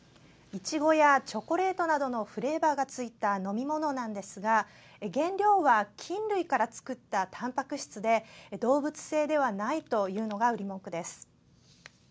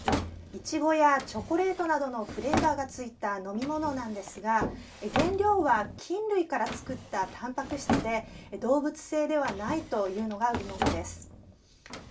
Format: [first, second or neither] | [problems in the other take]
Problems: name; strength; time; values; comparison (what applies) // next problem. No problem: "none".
first | background sound (Drawer open or close); 6 dB below the speech // room echo; dies away in 0.2 s